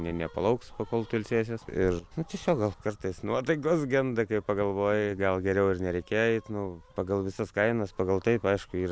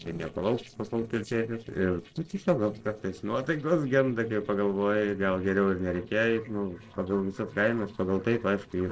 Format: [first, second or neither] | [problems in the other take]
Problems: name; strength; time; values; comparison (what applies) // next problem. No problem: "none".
first | noise reduction (neural separator model SepFormer DNS4)